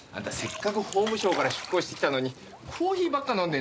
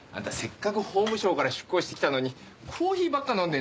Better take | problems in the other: second | background sound (Splash, splatter); 14 dB below the speech

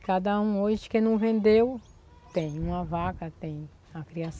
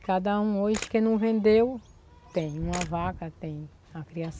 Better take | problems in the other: first | background sound (Camera); 17 dB below the speech

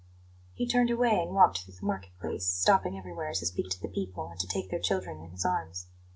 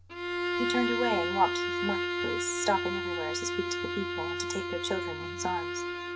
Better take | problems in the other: first | background sound (Bowed string instrument); 1 dB above the speech

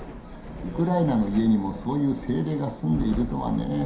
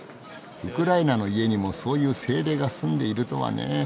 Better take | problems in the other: second | background sound (Thunder / Rain); 12 dB below the speech // room echo; dies away in 0.5 s

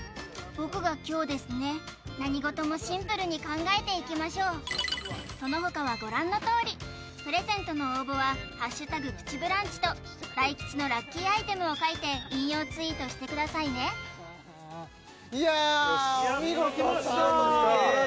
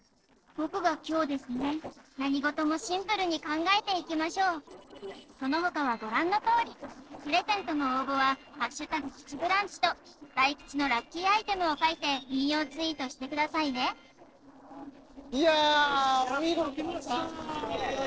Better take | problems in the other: first | noise reduction (neural separator model SepFormer DNS4)

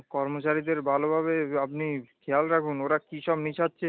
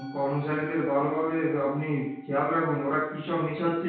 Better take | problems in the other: first | background sound (Musical instrument); 16 dB below the speech // room echo; dies away in 0.6 s

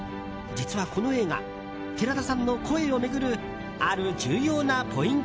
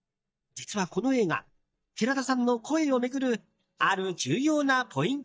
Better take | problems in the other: first | noise reduction (neural mask model DeepFilterNet 3)

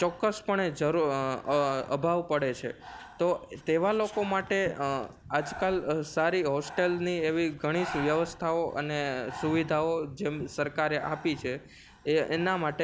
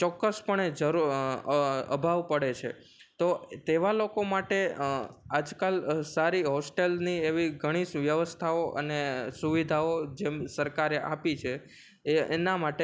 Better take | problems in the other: second | background sound (Breathing); 17 dB below the speech

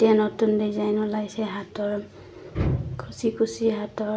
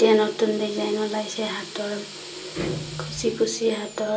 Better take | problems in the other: first | background sound (Drill); 16 dB below the speech // room echo; dies away in 0.2 s

